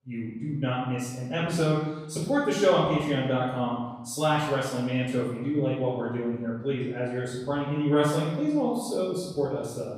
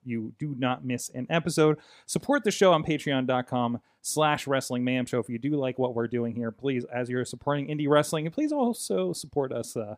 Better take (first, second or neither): second